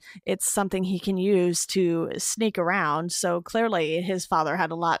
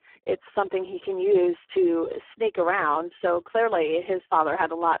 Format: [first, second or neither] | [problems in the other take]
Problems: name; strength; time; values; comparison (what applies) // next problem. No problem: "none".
first | phone-call audio; poor line